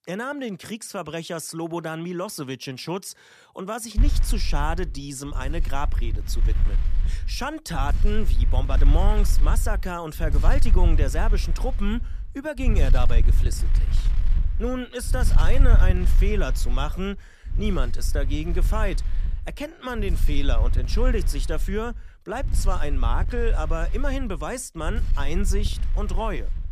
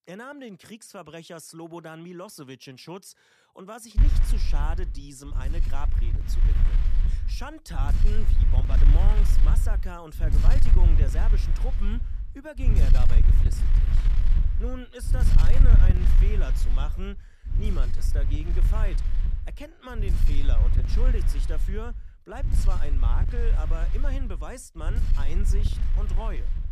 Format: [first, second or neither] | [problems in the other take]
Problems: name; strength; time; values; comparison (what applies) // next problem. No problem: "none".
first | wind noise on the microphone; heavy; from 4 s on; 3 dB below the speech; occasional gusts in the first